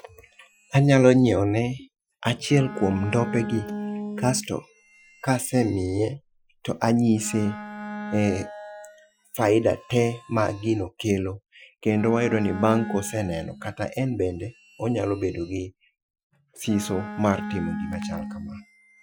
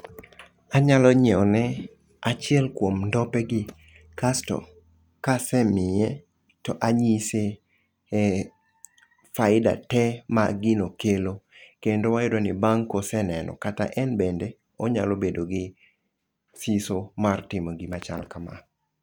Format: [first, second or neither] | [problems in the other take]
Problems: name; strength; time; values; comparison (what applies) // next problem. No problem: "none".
second | noise reduction (classical method Wiener filter)